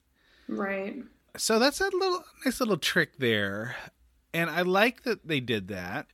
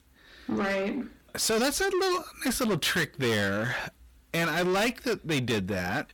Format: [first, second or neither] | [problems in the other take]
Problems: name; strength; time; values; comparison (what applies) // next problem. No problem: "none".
first | distortion; heavy; 6 dB below the speech